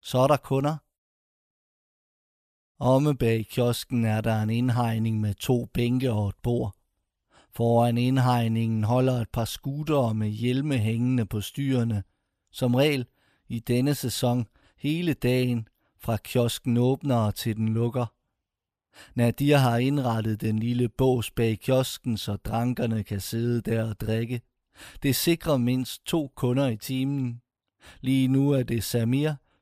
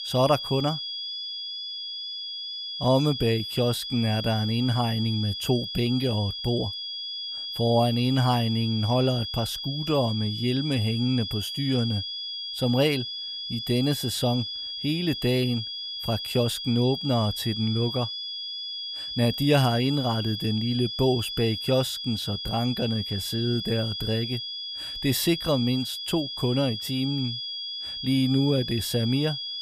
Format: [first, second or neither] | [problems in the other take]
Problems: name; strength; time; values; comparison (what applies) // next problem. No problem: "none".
first | high-pitched whine; loud; throughout; 3.5 kHz, 5 dB below the speech